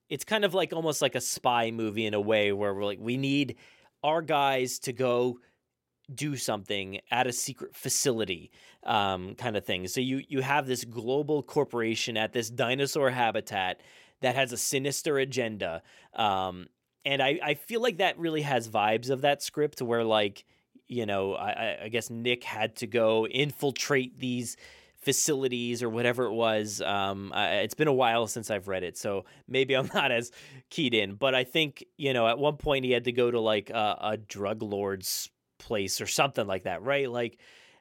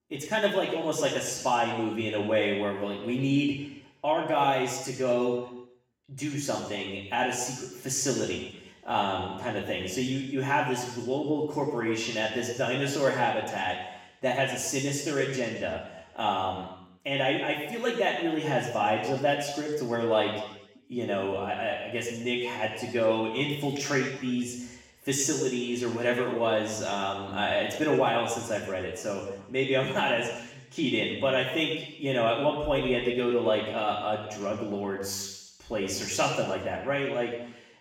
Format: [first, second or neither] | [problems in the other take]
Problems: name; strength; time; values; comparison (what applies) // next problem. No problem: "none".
first | room echo; noticeable; dies away in 1 s // off-mic speech; far